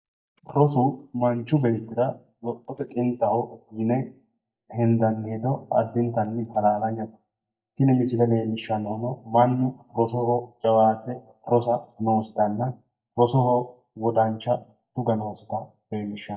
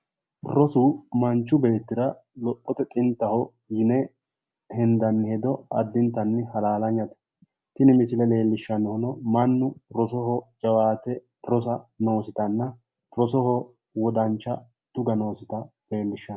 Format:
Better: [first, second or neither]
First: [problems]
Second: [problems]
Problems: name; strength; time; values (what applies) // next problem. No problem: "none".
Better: second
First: noise reduction (neural mask model DeepFilterNet 3)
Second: none